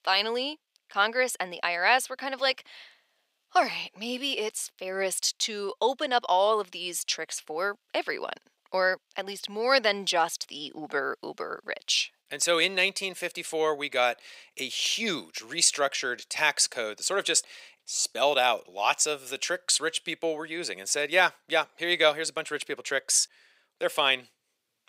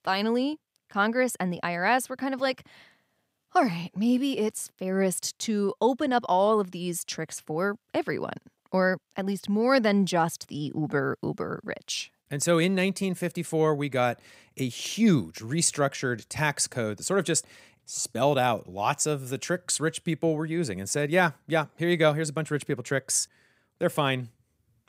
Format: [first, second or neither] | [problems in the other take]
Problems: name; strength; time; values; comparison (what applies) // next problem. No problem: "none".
second | thin; very; fading below 550 Hz